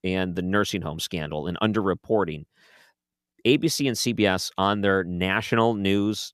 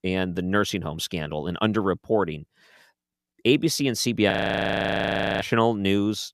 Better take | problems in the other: first | audio freezing; at 4.5 s for 1 s

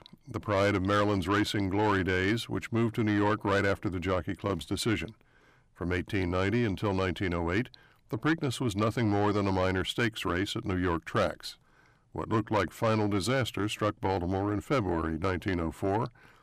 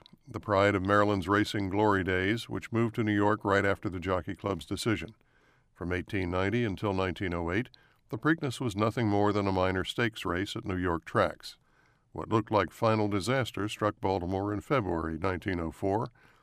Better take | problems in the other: second | distortion; slight; 10 dB below the speech

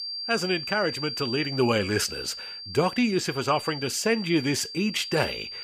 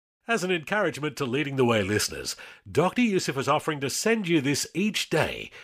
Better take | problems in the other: second | high-pitched whine; loud; throughout; 4.5 kHz, 8 dB below the speech

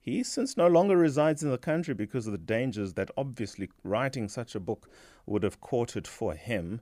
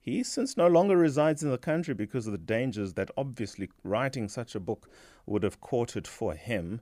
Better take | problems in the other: neither | none

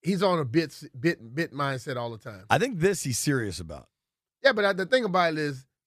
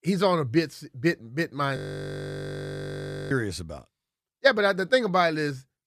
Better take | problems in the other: first | audio freezing; at 2 s for 1.5 s

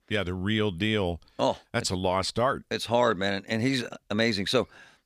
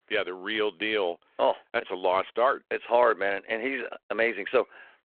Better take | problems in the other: first | phone-call audio

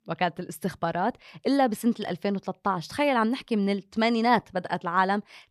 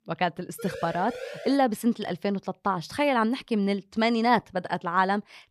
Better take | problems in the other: first | siren; faint; at 0.5 s; peak 10 dB below the speech

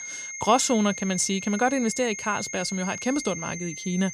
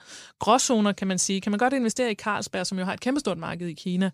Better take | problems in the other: second | high-pitched whine; loud; throughout; 6.5 kHz, 8 dB below the speech

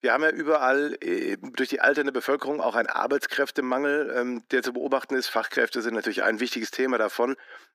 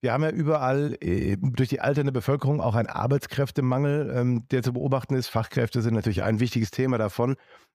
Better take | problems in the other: second | thin; somewhat; fading below 250 Hz

